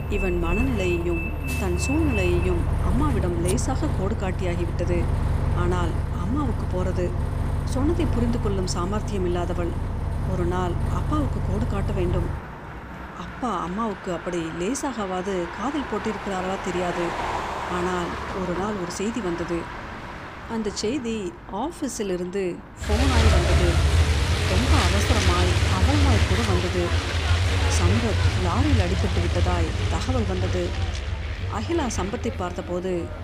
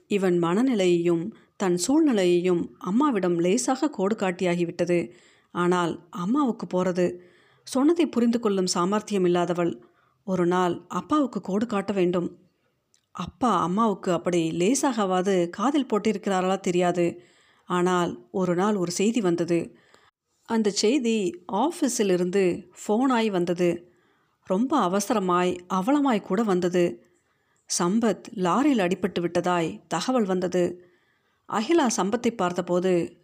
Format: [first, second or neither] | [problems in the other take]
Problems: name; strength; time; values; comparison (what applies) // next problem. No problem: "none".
second | traffic noise; very loud; throughout; 3 dB above the speech